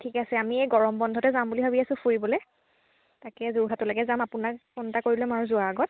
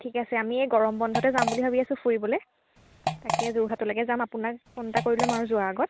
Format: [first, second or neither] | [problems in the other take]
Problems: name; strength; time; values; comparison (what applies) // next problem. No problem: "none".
first | background sound (Fart); 5 dB below the speech